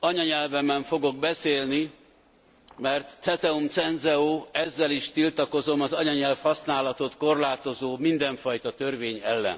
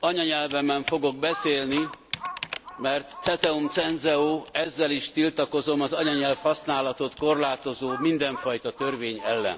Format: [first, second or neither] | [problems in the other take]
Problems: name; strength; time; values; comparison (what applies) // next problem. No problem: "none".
first | background sound (Computer keyboard + Crow); 13 dB below the speech